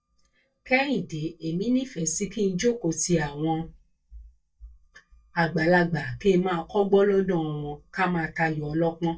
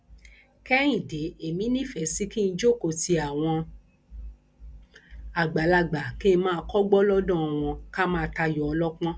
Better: second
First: noise reduction (neural mask model DeepFilterNet 3)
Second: none

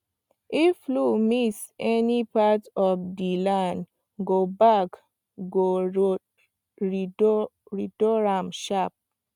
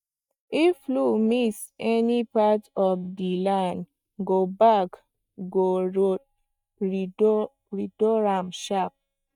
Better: first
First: none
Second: noise reduction (neural mask model DeepFilterNet 3)

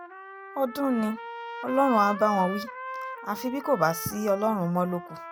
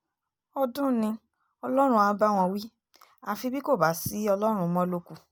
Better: second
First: background sound (Trumpet); 11 dB below the speech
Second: none

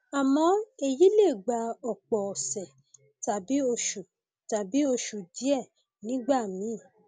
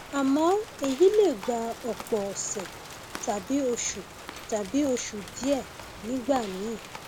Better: first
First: none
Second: background sound (Rain + Walk, footsteps / Slam); 14 dB below the speech

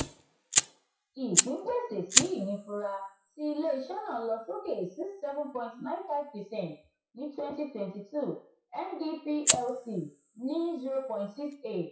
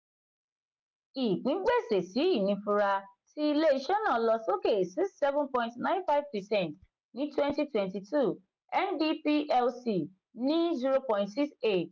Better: second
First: noise reduction (classical method WPE with log-MMSE)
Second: none

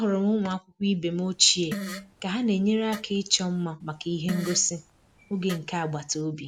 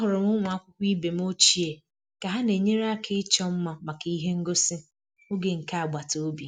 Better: second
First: background sound (Fart); 14 dB below the speech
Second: none

